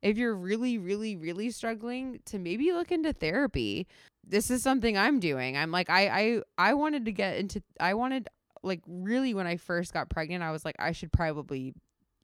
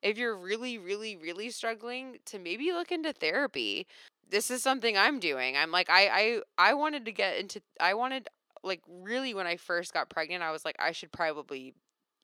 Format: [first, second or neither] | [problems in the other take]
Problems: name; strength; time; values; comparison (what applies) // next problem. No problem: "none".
first | thin; somewhat; fading below 450 Hz